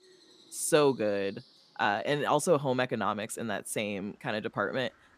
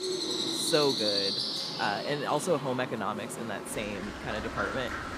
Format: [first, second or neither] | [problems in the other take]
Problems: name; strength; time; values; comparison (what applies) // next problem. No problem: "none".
first | animal sounds; loud; throughout; as loud as the speech; faint in the first